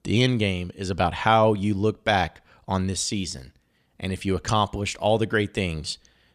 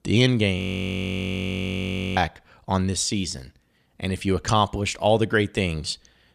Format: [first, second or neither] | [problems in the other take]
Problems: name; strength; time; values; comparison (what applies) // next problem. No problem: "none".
first | audio freezing; at 0.5 s for 1.5 s